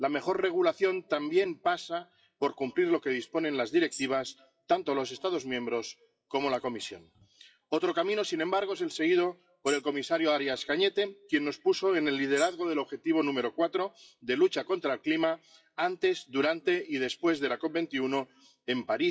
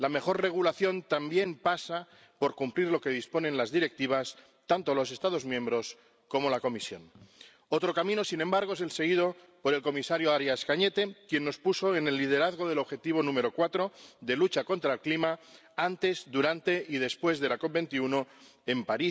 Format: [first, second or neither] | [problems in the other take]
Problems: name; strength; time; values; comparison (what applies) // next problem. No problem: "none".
second | noise reduction (classical method WPE with log-MMSE)